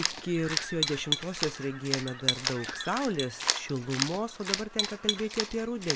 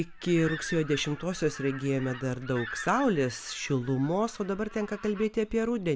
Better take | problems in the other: second | background sound (Cat); 1 dB below the speech

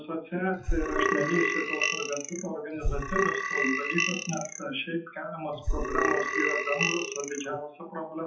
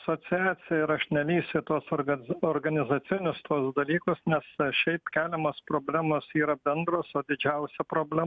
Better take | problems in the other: second | noise reduction (classical method WPE with log-MMSE)

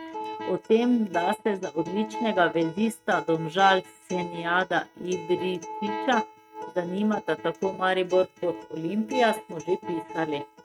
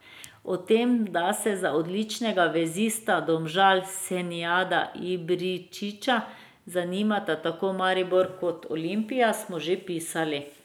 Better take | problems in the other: second | noise reduction (neural mask model RNNoise)

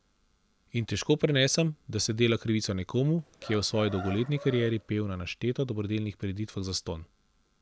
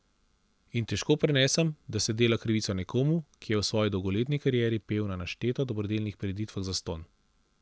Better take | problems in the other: second | background sound (Chicken, rooster); 15 dB below the speech

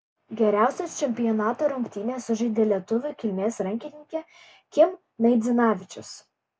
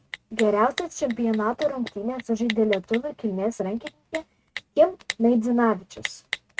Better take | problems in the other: first | noise reduction (neural mask model RNNoise)

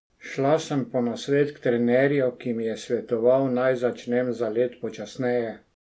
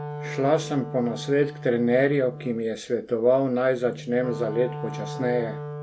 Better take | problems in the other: first | background sound (Wind instrument, woodwind instrument); 11 dB below the speech

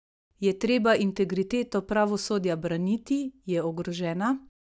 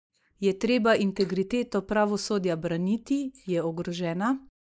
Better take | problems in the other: first | noise reduction (neural mask model Resemble Enhance denoiser)

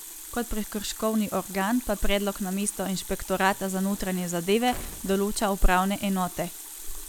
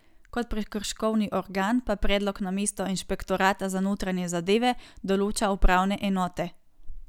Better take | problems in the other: second | background sound (Water tap, faucet + Squeak / Slam / Wood); 14 dB below the speech

